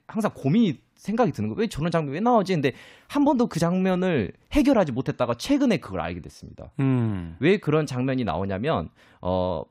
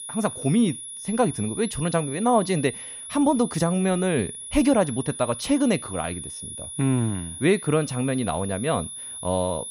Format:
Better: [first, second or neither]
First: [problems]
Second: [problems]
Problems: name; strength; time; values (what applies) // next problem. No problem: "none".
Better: first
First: none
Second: high-pitched whine; loud; throughout; 10.5 kHz, 10 dB below the speech